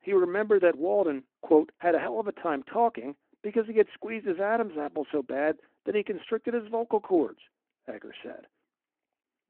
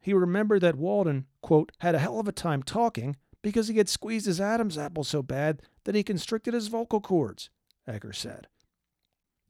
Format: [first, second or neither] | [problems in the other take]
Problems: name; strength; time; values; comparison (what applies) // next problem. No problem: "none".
second | phone-call audio